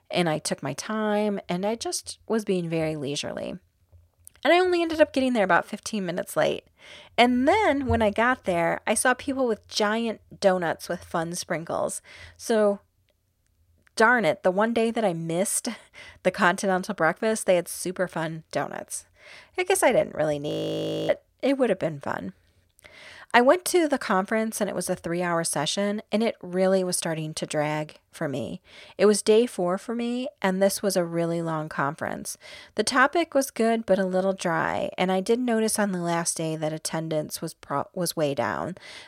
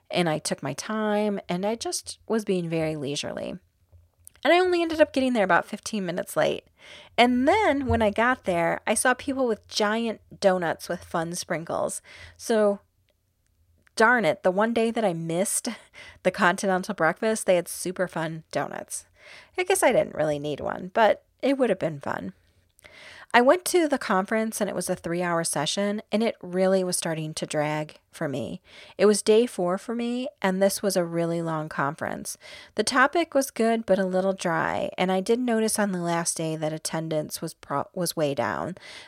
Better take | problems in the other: second | audio freezing; at 20 s for 0.5 s

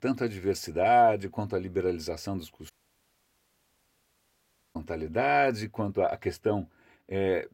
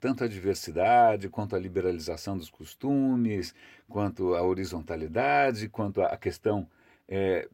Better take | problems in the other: second | audio cutting out; at 2.5 s for 2 s

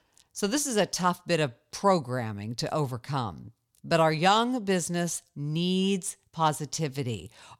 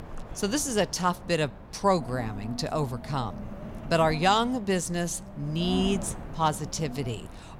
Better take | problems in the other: first | wind noise on the microphone; occasional gusts; 15 dB below the speech

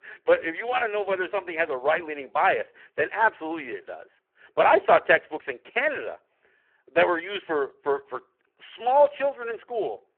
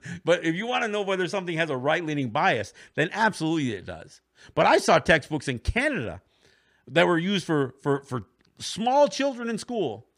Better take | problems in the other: second | phone-call audio; poor line

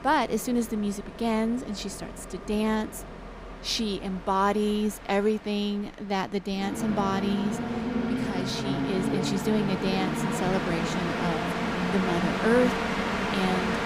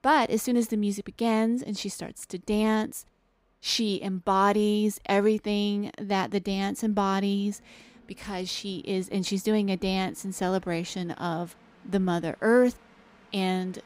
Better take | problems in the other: second | train or aircraft noise; loud; throughout; as loud as the speech; faint in the second

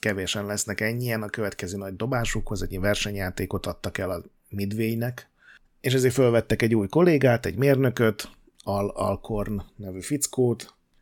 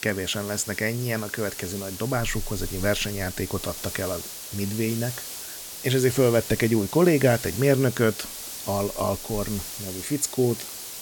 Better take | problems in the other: first | hiss; loud; throughout; 9 dB below the speech

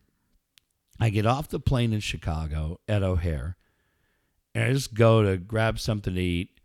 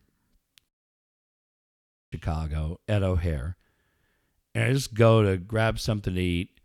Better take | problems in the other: first | audio cutting out; at 0.5 s for 1.5 s

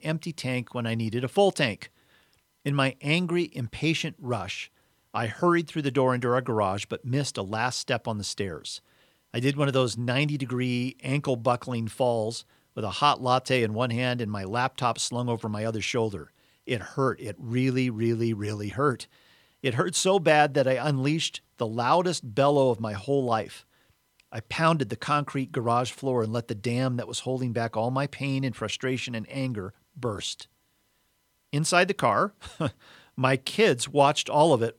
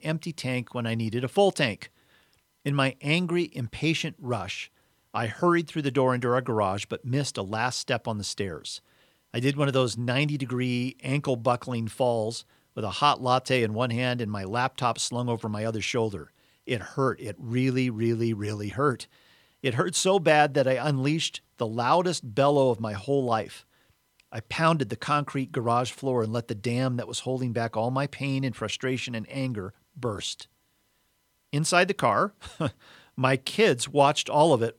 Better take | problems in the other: neither | none

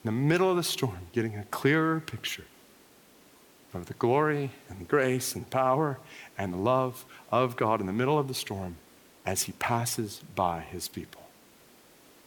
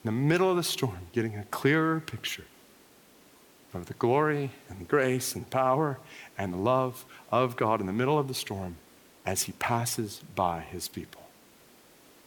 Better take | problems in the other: neither | hiss; faint; throughout; 25 dB below the speech; the same in both

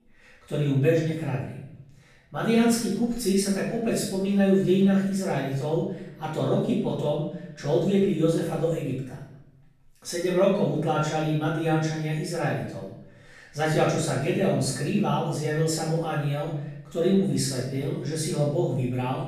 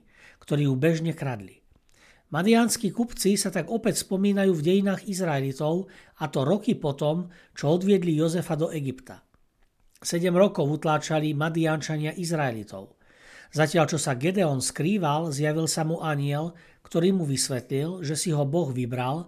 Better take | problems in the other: second | off-mic speech; far // room echo; noticeable; dies away in 0.7 s

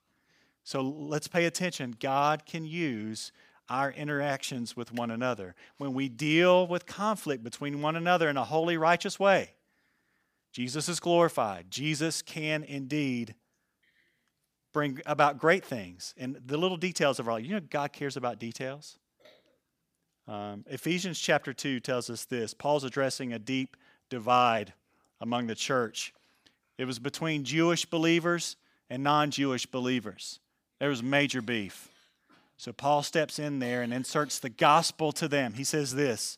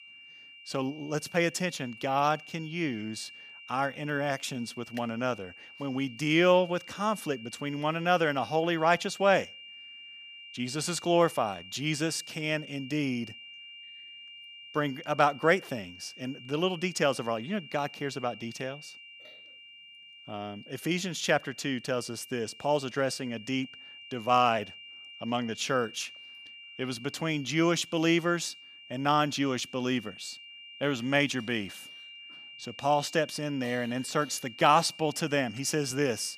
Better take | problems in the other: first | high-pitched whine; noticeable; throughout; 3 kHz, 15 dB below the speech

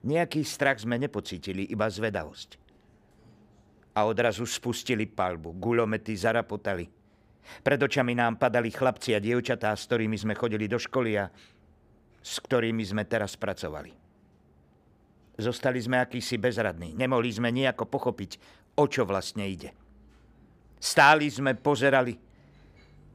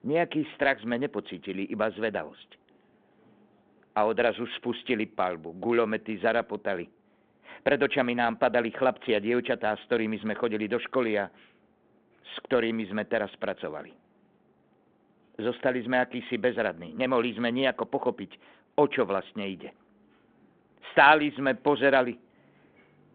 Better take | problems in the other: first | phone-call audio

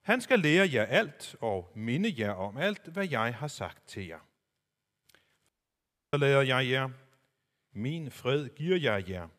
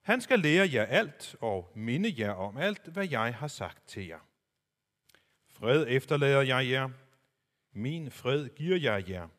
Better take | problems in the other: second | audio cutting out; at 5.5 s for 0.5 s

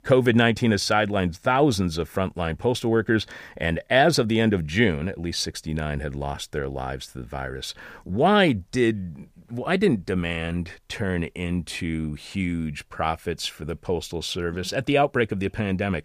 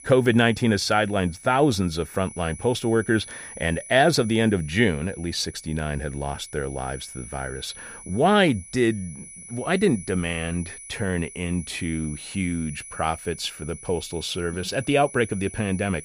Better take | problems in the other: first | high-pitched whine; noticeable; throughout; 10 kHz, 15 dB below the speech

